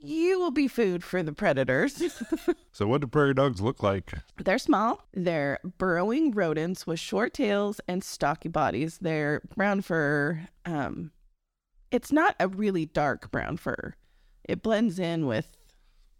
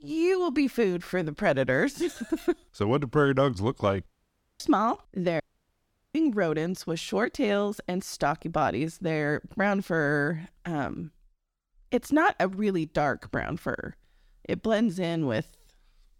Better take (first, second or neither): first